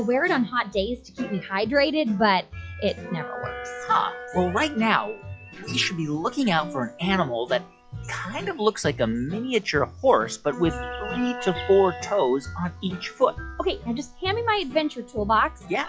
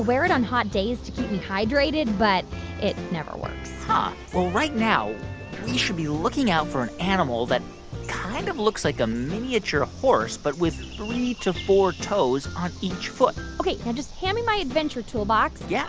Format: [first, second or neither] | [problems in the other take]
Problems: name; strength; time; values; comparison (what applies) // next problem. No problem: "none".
second | noise reduction (classical method log-MMSE)